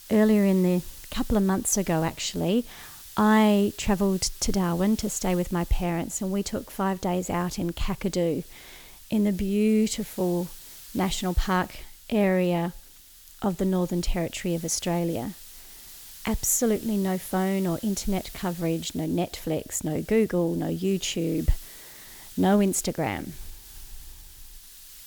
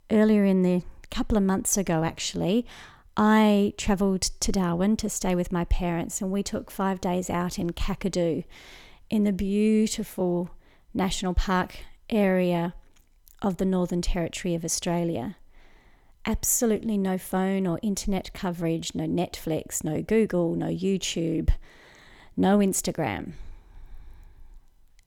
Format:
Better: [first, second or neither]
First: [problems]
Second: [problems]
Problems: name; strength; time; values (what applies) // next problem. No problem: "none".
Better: second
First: hiss; noticeable; throughout; 20 dB below the speech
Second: none